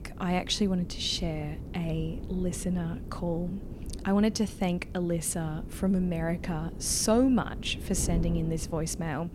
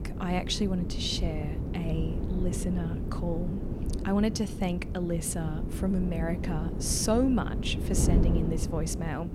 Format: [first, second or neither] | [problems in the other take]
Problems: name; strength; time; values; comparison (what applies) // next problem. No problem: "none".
first | wind noise on the microphone; heavy; 7 dB below the speech; occasional gusts in the first